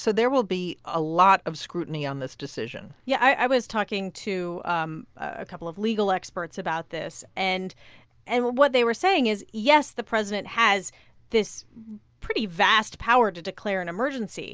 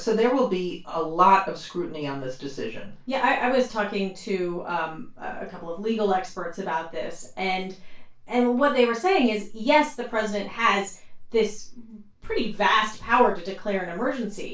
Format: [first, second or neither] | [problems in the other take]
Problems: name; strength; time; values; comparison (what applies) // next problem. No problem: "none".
first | room echo; dies away in 0.2 s